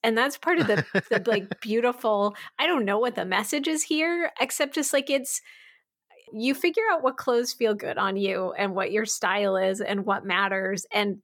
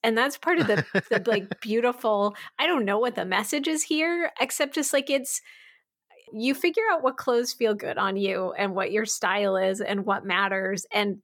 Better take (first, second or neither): neither